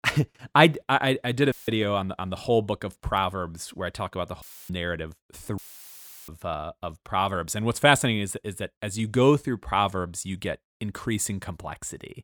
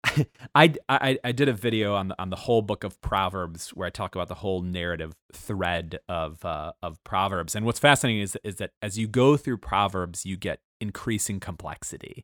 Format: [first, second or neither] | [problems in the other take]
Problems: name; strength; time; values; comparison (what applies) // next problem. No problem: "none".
second | audio cutting out; filled with static; at 1.5 s, at 4.5 s and at 5.5 s for 0.5 s